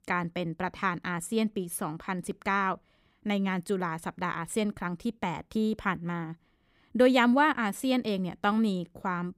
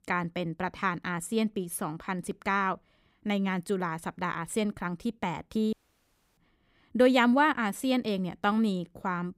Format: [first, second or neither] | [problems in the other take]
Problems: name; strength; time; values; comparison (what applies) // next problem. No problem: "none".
first | audio cutting out; at 5.5 s for 0.5 s